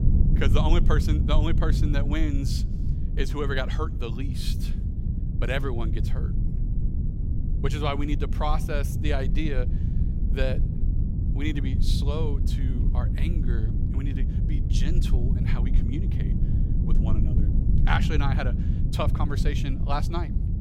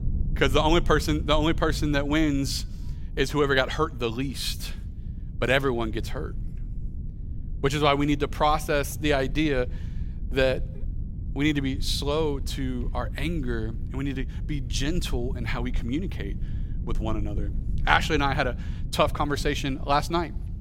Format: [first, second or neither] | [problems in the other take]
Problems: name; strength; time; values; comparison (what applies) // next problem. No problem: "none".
second | low rumble; loud; throughout; 7 dB below the speech; faint in the second